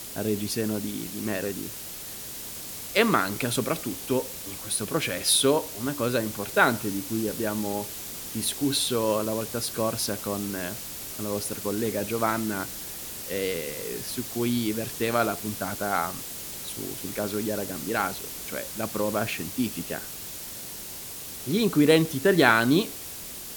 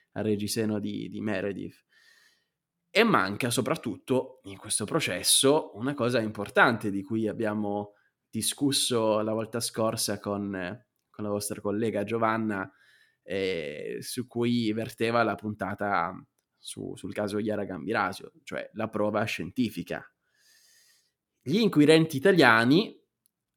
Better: second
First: hiss; loud; throughout; 8 dB below the speech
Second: none

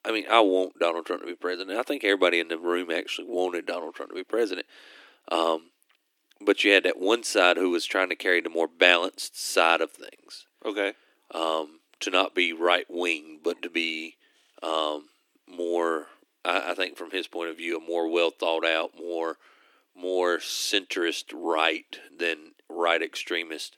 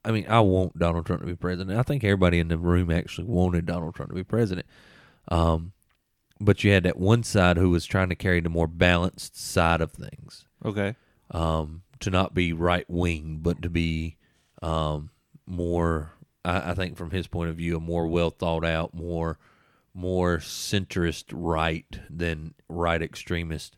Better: second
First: thin; very; fading below 300 Hz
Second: none

